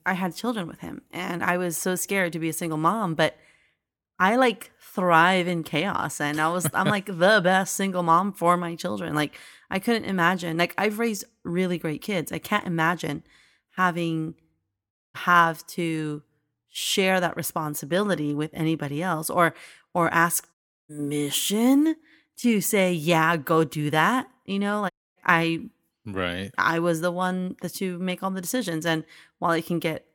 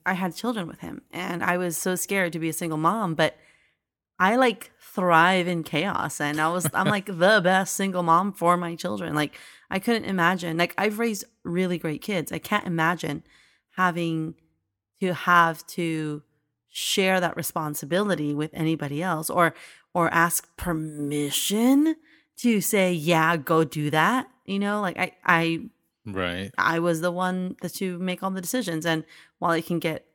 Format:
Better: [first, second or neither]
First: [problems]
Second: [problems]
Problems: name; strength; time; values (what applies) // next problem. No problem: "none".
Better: second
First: audio cutting out; at 15 s, at 21 s and at 25 s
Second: none